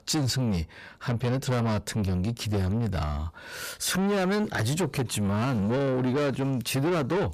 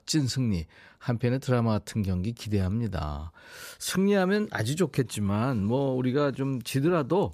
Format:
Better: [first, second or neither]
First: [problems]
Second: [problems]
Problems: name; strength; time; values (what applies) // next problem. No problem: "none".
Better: second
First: distortion; heavy; 8 dB below the speech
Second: none